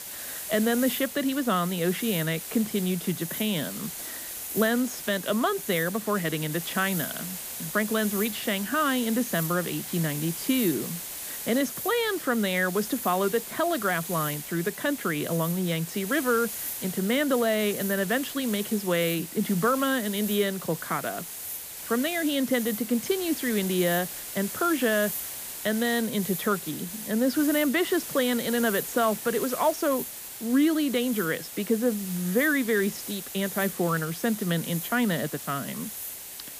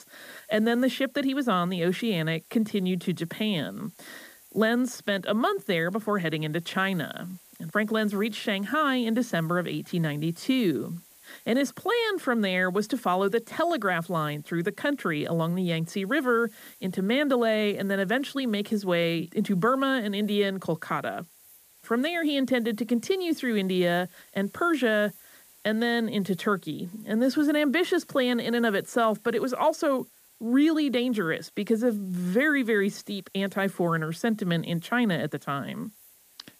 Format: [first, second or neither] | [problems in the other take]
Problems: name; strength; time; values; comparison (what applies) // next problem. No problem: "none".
second | hiss; loud; throughout; 7 dB below the speech; faint in the second